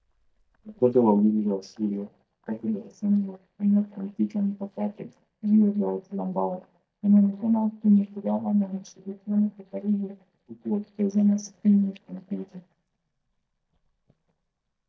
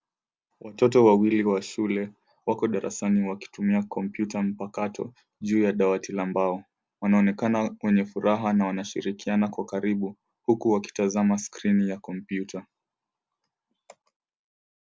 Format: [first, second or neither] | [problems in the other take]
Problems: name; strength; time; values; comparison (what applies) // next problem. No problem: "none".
second | noise reduction (neural mask model DeepFilterNet 3)